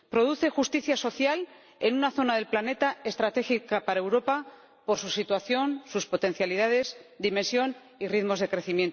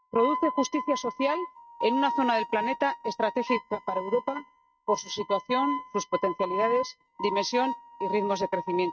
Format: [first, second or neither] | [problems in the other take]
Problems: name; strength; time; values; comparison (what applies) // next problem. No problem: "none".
first | noise reduction (neural mask model RNNoise)